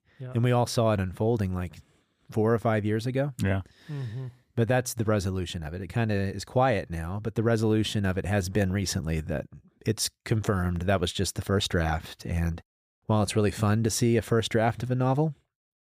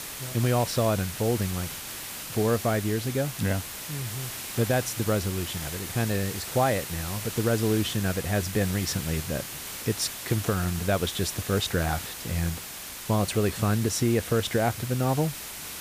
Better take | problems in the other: first | hiss; loud; throughout; 7 dB below the speech

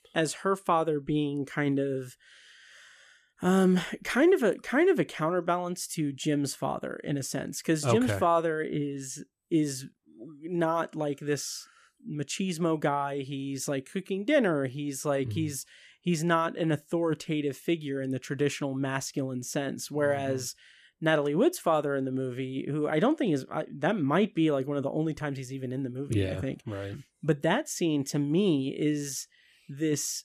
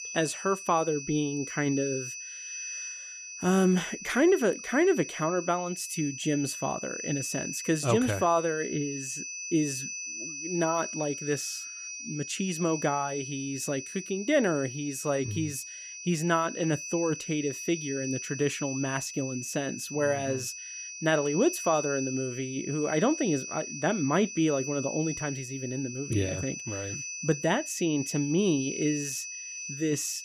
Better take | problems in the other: first | high-pitched whine; loud; throughout; 6 kHz, 7 dB below the speech

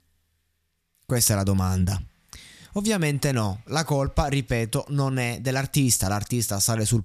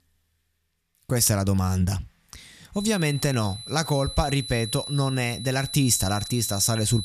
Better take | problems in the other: first | high-pitched whine; loud; from 3 s on; 4 kHz, 10 dB below the speech

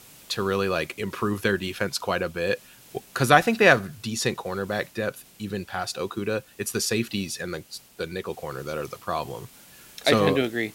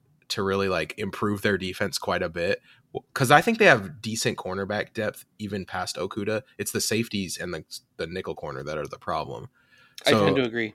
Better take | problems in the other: second | hiss; faint; throughout; 25 dB below the speech

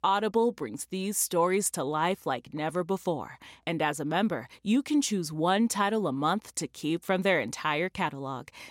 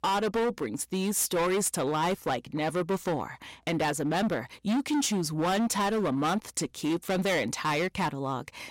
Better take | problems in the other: first | distortion; heavy; 20% of the sound clipped

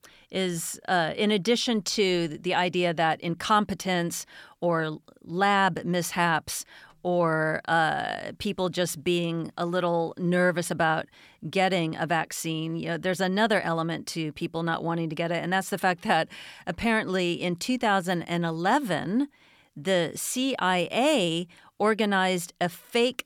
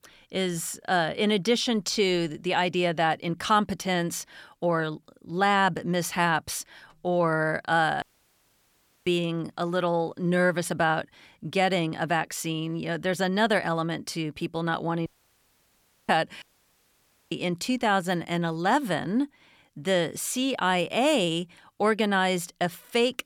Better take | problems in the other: first | audio cutting out; at 8 s for 1 s, at 15 s for 1 s and at 16 s for 1 s

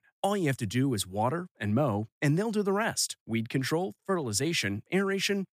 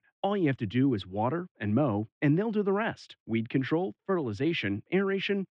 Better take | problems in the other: first | muffled; very; fading above 3 kHz

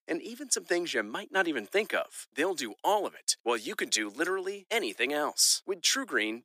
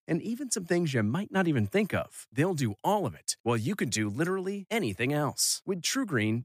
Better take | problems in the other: second | thin; somewhat; fading below 350 Hz

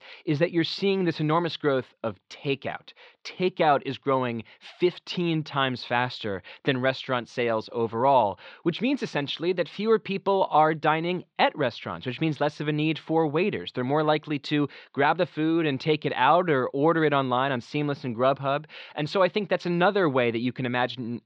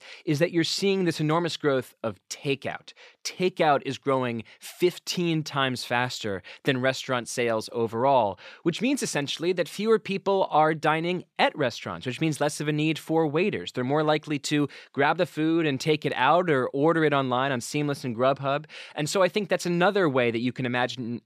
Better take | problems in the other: second | muffled; very slightly; fading above 4 kHz

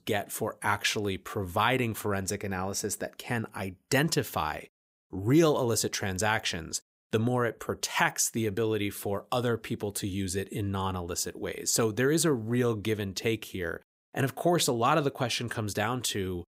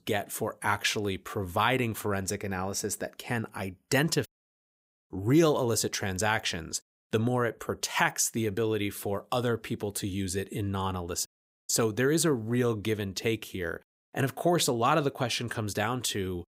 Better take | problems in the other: first | audio cutting out; at 4.5 s and at 11 s

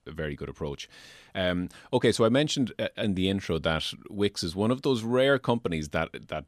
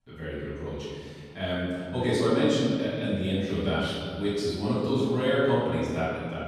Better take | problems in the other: first | off-mic speech; far // room echo; strong; dies away in 2.1 s

